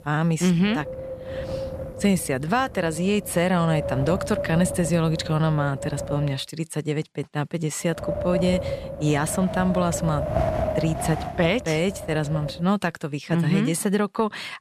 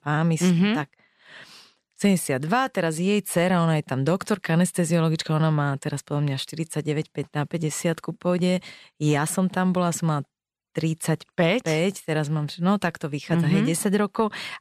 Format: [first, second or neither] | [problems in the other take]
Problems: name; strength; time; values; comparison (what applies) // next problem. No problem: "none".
second | wind noise on the microphone; heavy; until 6.5 s and from 8 to 13 s; 4 dB below the speech